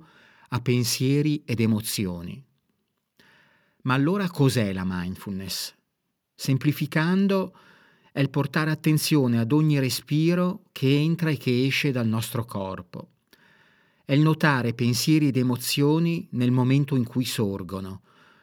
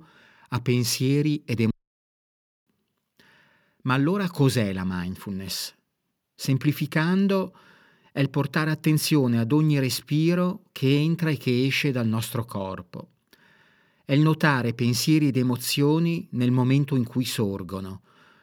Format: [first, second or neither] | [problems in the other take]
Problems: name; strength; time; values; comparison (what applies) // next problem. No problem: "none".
first | audio cutting out; at 1.5 s for 1 s